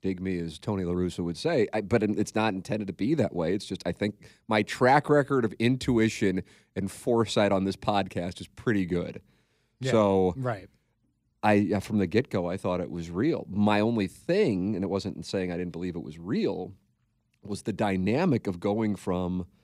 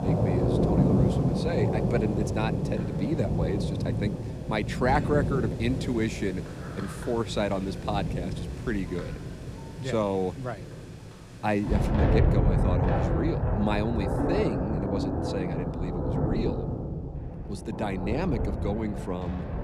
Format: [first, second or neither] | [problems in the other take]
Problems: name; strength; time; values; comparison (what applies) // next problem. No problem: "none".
first | rain or running water; very loud; throughout; 2 dB above the speech